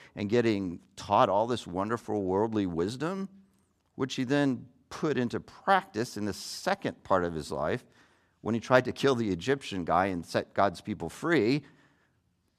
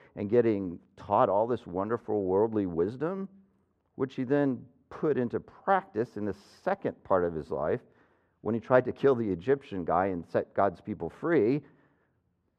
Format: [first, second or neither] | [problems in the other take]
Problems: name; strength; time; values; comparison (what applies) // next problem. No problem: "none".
first | muffled; very; fading above 3 kHz